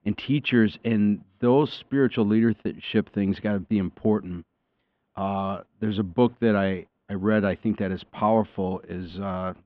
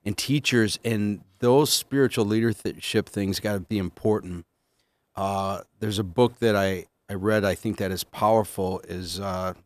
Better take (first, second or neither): second